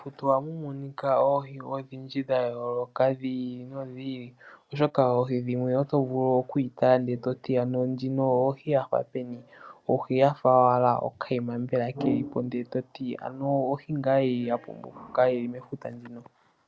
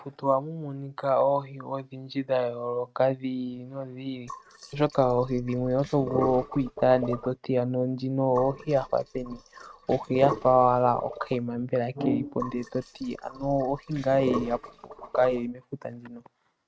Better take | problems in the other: first | noise reduction (neural mask model RNNoise)

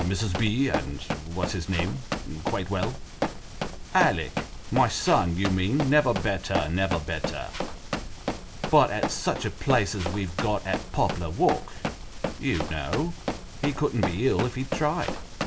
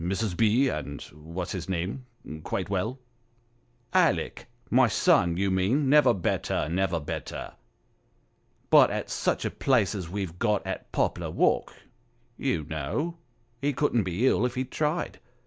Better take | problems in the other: second | background sound (Run); 5 dB below the speech // room echo; dies away in 0.2 s

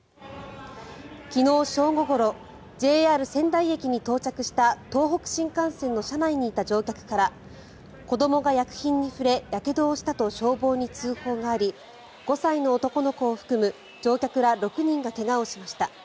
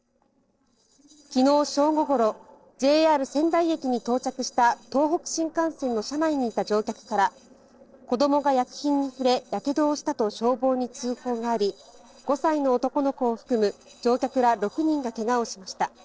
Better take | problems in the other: first | noise reduction (neural separator model SepFormer DNS4)

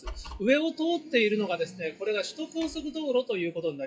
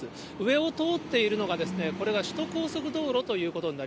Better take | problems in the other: second | noise reduction (classical method WPE with log-MMSE)

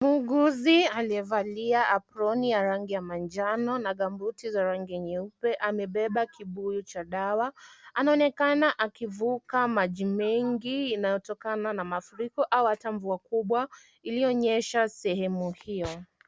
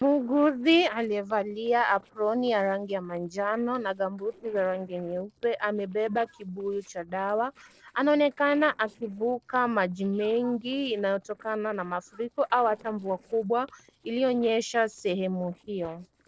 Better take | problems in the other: first | noise reduction (neural separator model SepFormer DNS4)

